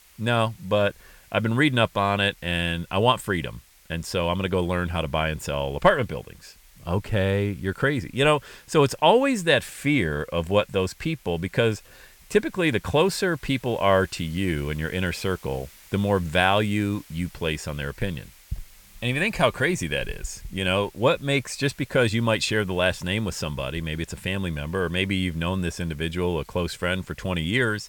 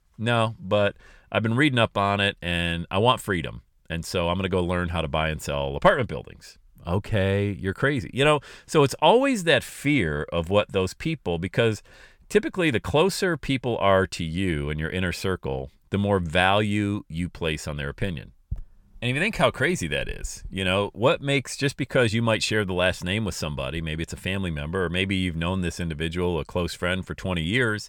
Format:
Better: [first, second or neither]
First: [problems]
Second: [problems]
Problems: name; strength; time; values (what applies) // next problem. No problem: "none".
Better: second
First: hiss; faint; throughout; 25 dB below the speech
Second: none